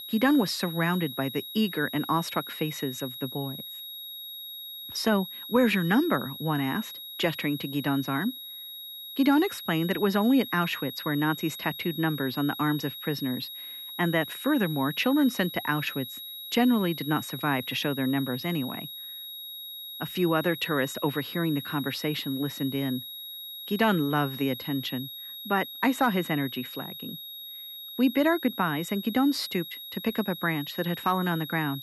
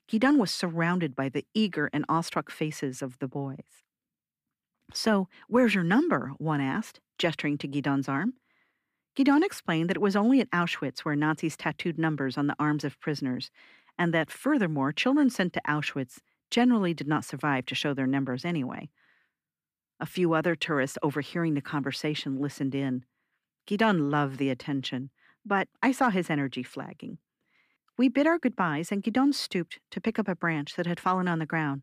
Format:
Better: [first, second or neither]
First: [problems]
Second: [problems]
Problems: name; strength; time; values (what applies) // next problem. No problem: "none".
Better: second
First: high-pitched whine; loud; throughout; 4 kHz, 10 dB below the speech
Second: none